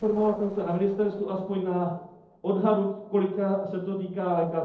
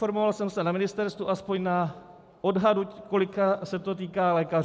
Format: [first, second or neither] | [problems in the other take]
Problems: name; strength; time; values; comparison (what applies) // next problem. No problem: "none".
second | noise reduction (neural separator model SepFormer DNS4)